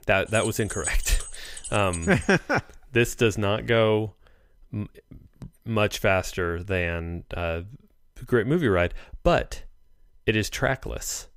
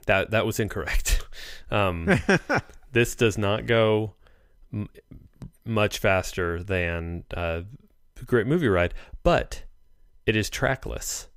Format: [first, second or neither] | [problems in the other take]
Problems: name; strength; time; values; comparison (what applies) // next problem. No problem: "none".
second | jangling keys; noticeable; until 2 s; peak 7 dB below the speech